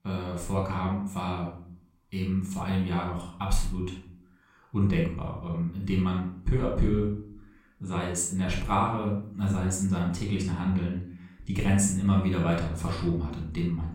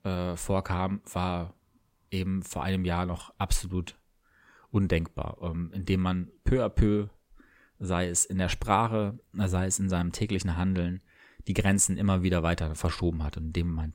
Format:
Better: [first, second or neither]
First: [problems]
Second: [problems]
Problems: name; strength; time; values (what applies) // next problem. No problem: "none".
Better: second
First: off-mic speech; far // room echo; noticeable; dies away in 0.5 s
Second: none